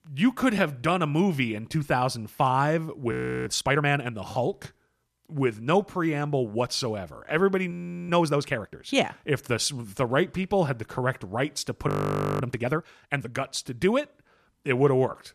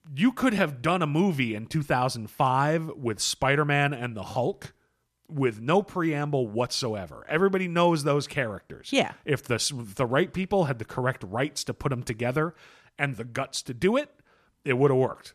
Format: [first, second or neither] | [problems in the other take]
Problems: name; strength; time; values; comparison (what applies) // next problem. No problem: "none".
second | audio freezing; at 3 s, at 7.5 s and at 12 s for 0.5 s